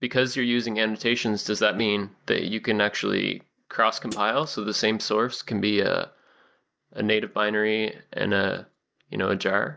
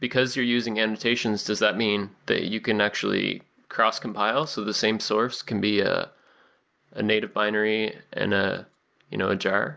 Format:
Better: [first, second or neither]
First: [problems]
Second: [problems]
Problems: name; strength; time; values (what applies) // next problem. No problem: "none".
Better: second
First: noise reduction (neural mask model DeepFilterNet 3)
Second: none